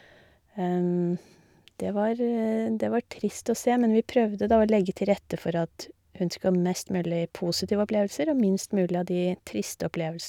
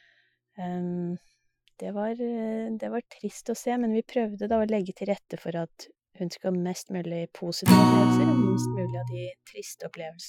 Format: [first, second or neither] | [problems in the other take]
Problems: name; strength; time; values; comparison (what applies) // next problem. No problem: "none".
first | noise reduction (classical method Wiener filter)